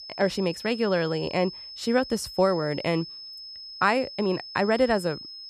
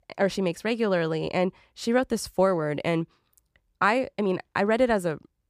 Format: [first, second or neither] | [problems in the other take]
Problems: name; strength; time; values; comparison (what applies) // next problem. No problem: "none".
second | high-pitched whine; noticeable; throughout; 5 kHz, 10 dB below the speech